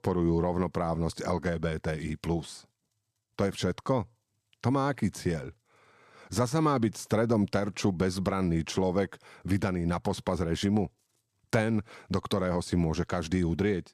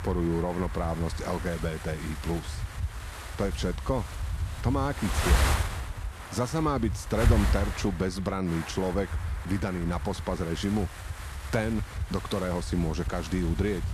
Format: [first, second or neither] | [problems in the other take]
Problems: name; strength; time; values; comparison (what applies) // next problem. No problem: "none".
first | wind noise on the microphone; heavy; 5 dB below the speech